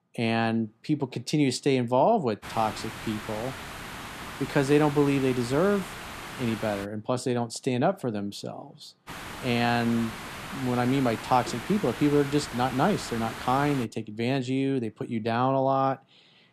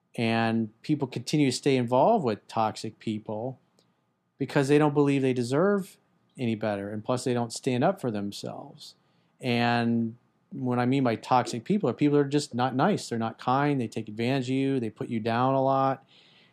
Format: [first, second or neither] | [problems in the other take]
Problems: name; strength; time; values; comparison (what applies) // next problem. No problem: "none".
second | hiss; noticeable; from 2.5 to 7 s and from 9 to 14 s; 10 dB below the speech